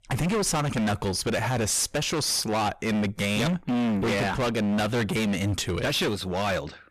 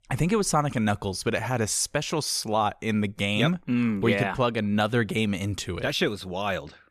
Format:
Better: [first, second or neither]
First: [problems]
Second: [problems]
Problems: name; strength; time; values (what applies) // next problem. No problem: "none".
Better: second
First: distortion; heavy; 32% of the sound clipped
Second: none